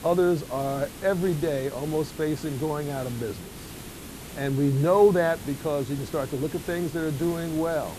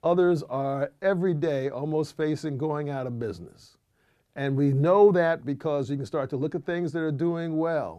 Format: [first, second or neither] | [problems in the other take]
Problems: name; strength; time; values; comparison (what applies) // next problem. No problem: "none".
second | hiss; noticeable; throughout; 15 dB below the speech